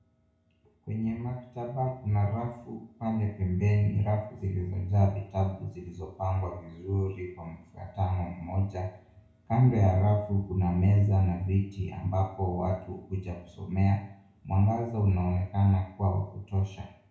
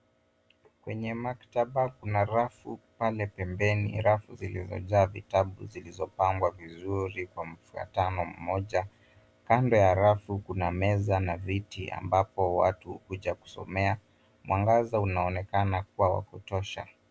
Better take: second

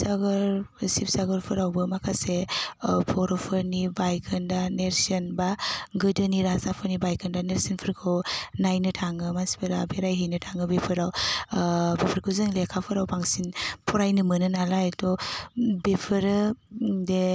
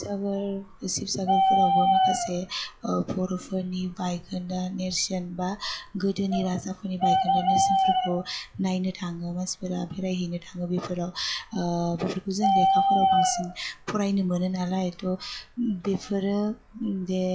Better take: first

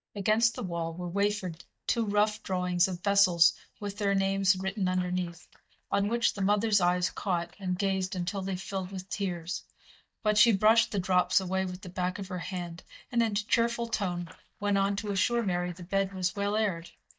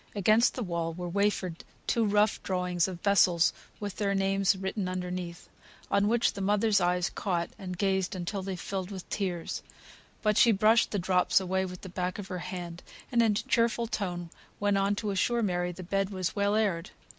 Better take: second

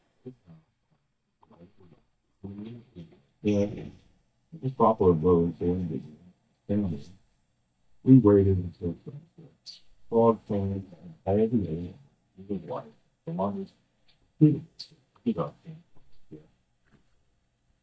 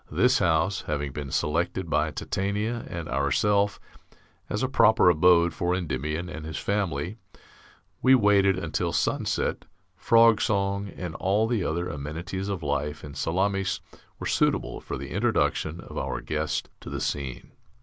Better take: second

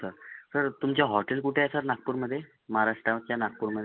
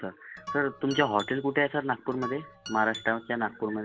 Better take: first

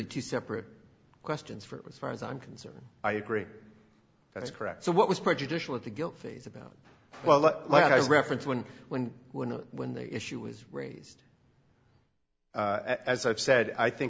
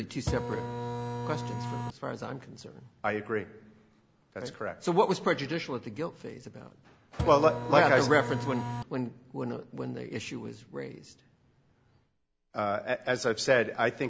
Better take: first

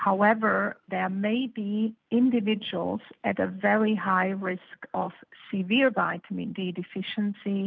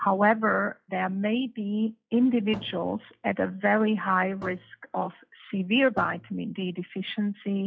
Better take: first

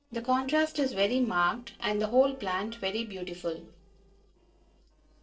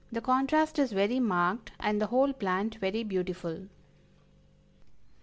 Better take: second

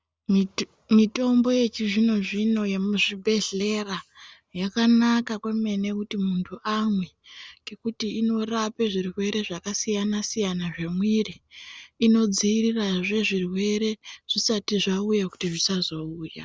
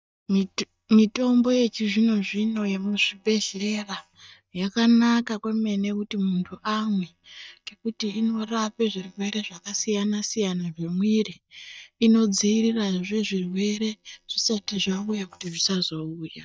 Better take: first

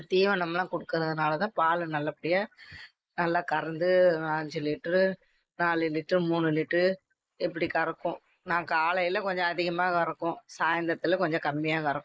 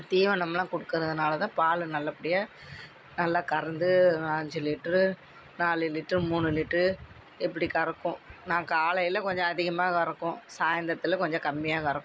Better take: second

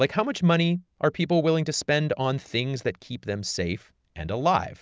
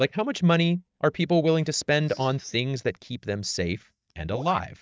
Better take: first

